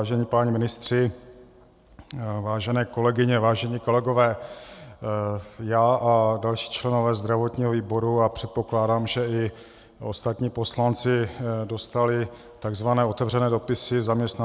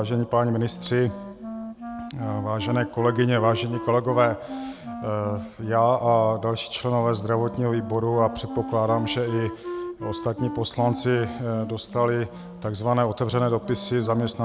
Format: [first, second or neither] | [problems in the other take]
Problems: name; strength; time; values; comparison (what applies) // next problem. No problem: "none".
first | background sound (Wind instrument, woodwind instrument); 11 dB below the speech